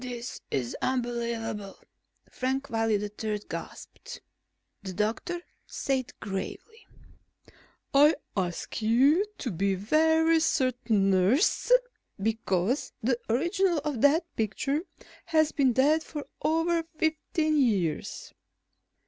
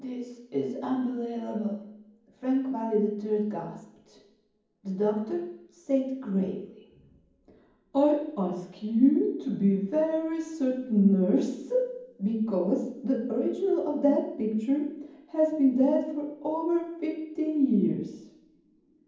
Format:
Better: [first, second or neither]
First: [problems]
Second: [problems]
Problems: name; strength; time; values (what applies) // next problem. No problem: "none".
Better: first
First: none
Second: room echo; dies away in 1.2 s